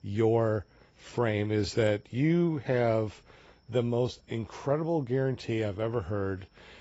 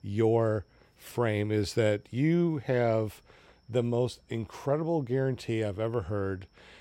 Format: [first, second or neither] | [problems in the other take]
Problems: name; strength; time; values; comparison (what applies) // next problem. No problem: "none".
second | garbled, watery; badly; nothing above 8 kHz